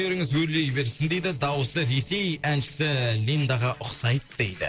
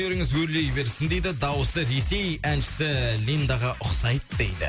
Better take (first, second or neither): second